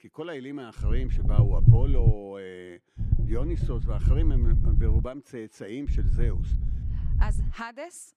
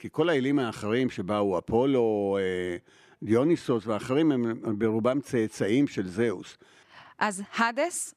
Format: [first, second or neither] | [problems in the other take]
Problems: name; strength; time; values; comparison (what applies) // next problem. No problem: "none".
second | low rumble; loud; from 1 to 2 s, from 3 to 5 s and from 6 to 7.5 s; 2 dB below the speech